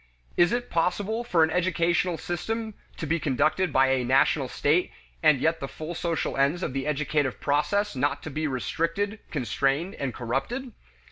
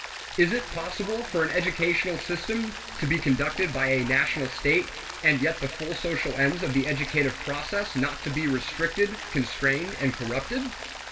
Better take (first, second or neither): first